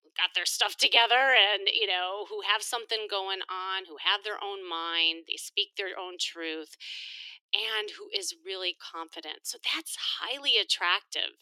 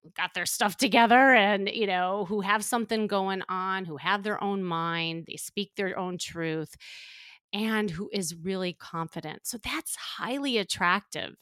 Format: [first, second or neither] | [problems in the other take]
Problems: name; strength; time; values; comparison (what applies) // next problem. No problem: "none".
second | thin; very; fading below 300 Hz